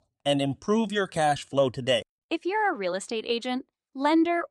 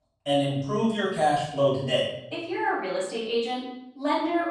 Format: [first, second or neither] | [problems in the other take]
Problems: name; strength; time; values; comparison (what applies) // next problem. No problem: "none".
first | off-mic speech; far // room echo; noticeable; dies away in 0.7 s